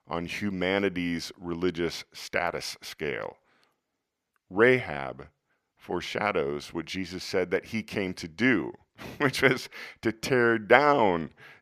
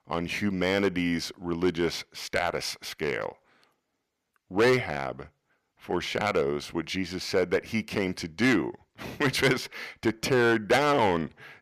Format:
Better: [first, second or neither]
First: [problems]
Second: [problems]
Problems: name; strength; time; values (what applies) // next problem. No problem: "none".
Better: first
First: none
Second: distortion; heavy; 3% of the sound clipped